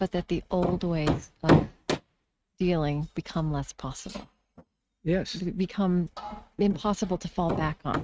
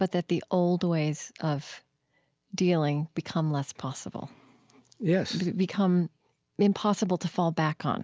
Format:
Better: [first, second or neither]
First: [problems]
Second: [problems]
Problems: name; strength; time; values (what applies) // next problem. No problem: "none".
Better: second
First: noise reduction (neural mask model RNNoise)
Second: none